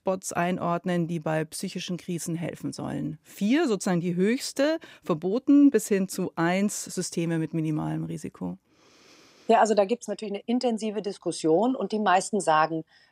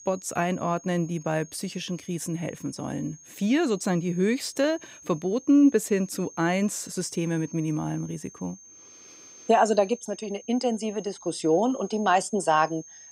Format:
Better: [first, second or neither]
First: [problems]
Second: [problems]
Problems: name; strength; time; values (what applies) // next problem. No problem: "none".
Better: first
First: none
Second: high-pitched whine; noticeable; throughout; 6.5 kHz, 20 dB below the speech